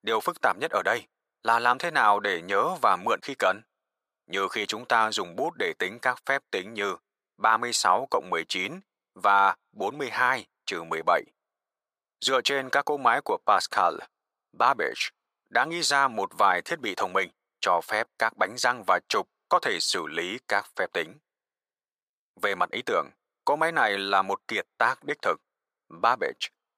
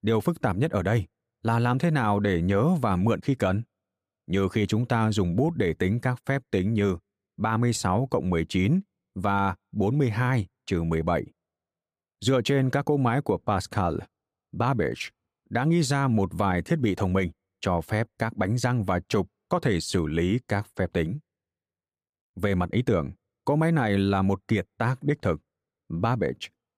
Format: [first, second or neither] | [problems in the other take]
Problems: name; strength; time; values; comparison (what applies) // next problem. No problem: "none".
second | thin; very; fading below 700 Hz